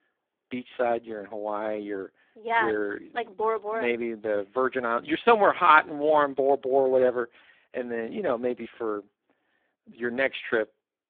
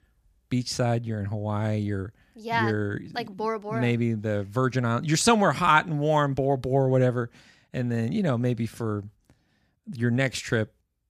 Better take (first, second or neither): second